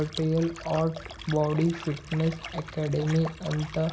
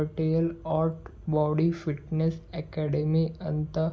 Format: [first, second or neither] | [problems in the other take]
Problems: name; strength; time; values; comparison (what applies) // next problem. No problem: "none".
second | background sound (Liquid); 14 dB below the speech